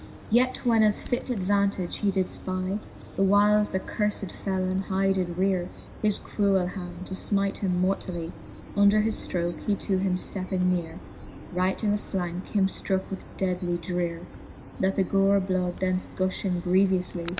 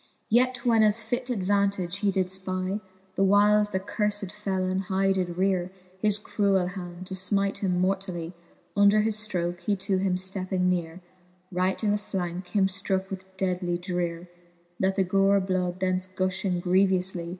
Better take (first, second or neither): second